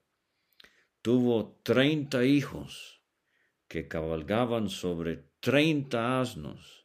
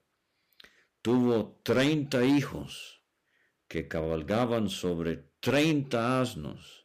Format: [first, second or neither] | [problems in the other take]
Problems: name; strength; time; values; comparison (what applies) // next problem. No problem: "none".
first | distortion; slight; 4% of the sound clipped